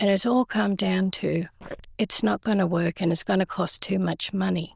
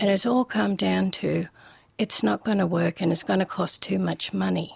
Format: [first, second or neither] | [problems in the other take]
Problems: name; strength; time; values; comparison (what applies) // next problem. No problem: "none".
second | noise reduction (neural diffusion model UNIVERSE++)